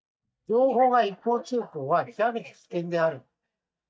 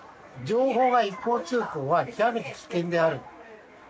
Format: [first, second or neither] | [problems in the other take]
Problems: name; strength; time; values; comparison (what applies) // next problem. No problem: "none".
second | noise reduction (neural mask model DeepFilterNet 3)